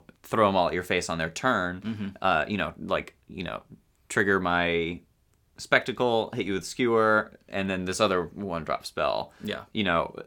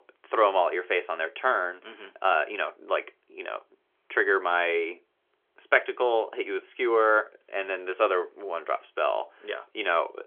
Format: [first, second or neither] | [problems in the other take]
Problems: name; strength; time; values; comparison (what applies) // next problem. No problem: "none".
first | phone-call audio; nothing above 3.5 kHz